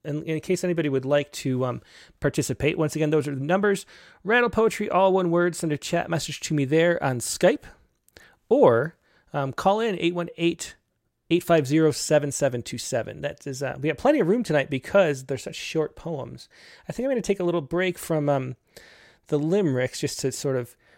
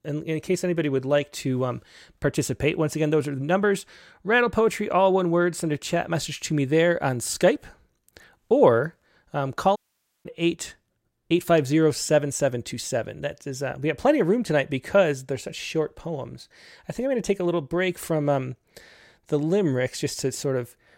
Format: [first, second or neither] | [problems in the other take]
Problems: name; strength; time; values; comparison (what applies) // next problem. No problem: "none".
first | audio cutting out; at 10 s